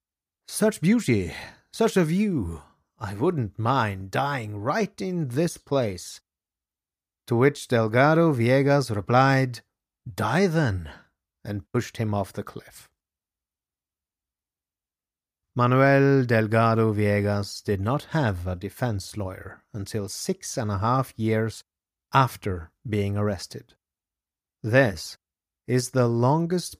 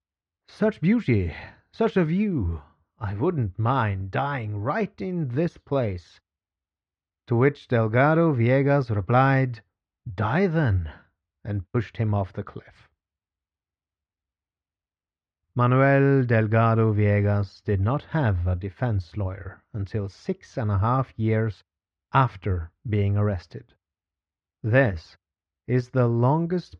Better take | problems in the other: first | muffled; slightly; fading above 3 kHz

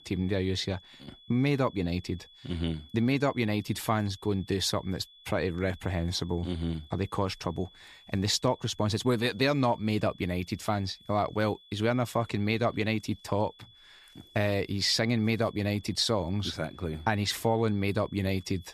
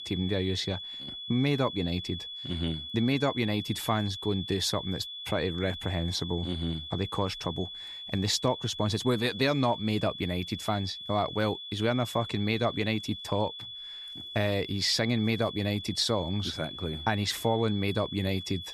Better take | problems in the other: first | high-pitched whine; loud; throughout; 3.5 kHz, 8 dB below the speech; faint in the first

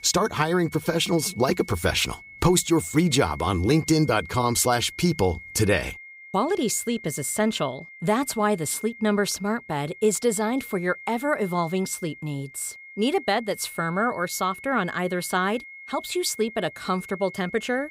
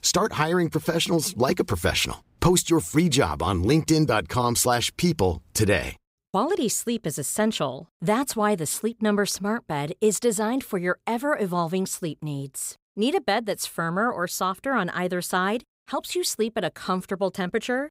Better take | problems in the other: second | high-pitched whine; noticeable; throughout; 2 kHz, 15 dB below the speech

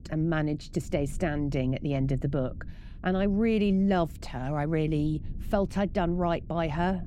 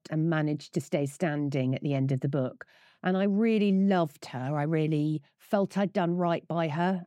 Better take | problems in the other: second | low rumble; faint; throughout; 25 dB below the speech

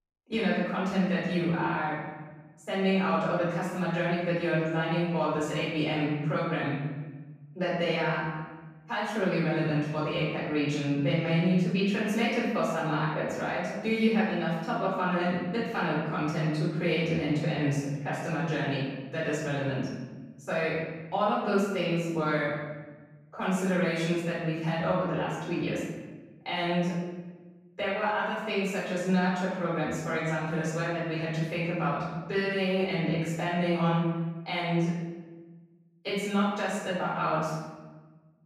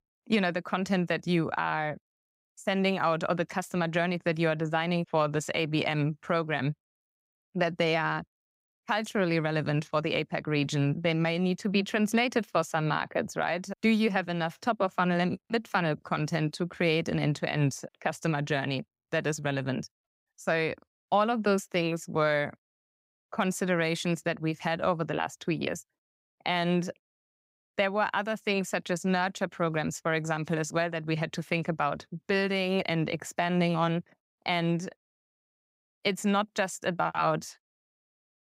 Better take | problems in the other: second | off-mic speech; far // room echo; strong; dies away in 1.2 s

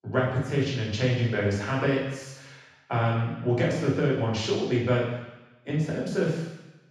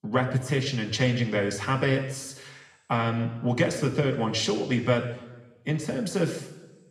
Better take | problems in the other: second | room echo; strong; dies away in 1.1 s; slight in the second // off-mic speech; far; somewhat distant in the second

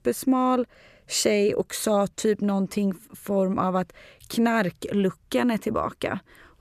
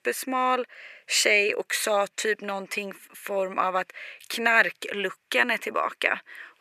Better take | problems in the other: first | thin; very; fading below 500 Hz

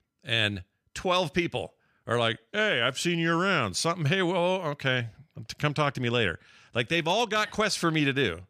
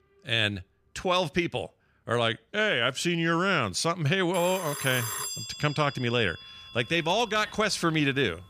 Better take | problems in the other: first | alarms or sirens; noticeable; throughout; 10 dB below the speech

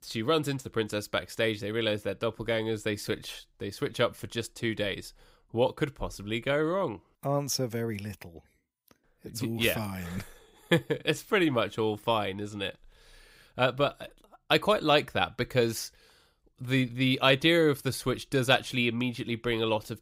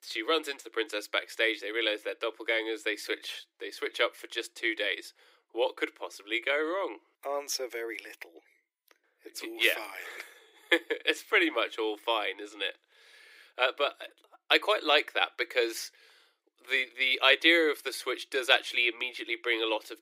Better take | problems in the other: first | thin; very; fading below 300 Hz

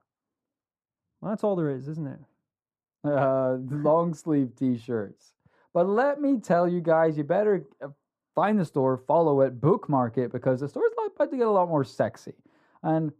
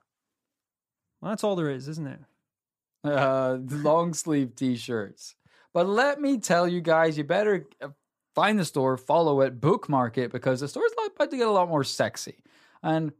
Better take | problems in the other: second | muffled; very; fading above 1.5 kHz

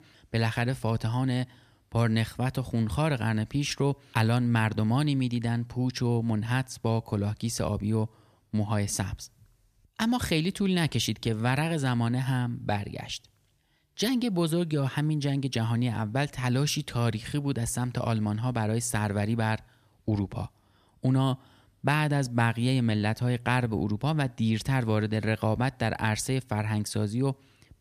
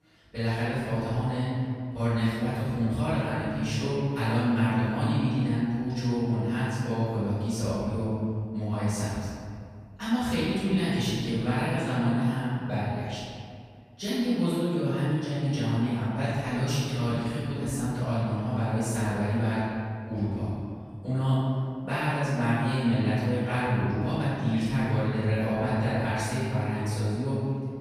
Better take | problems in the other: first | off-mic speech; far // room echo; strong; dies away in 2 s

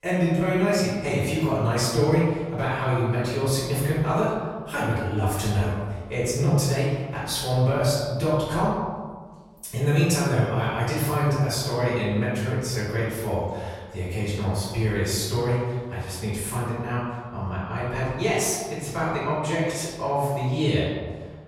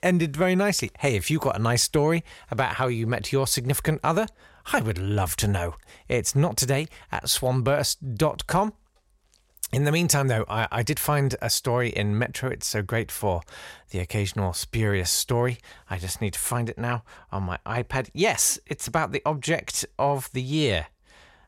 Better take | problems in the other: second | off-mic speech; far // room echo; strong; dies away in 1.4 s

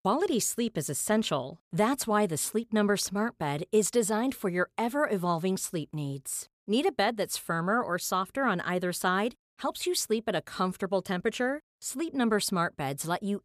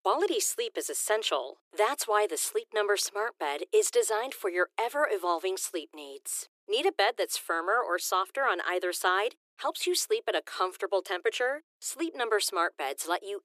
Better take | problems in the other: first | thin; very; fading below 350 Hz

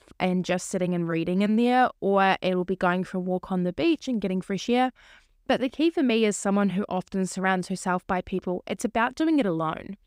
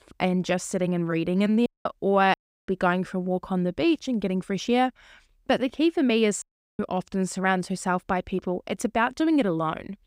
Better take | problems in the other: first | audio cutting out; at 1.5 s, at 2.5 s and at 6.5 s

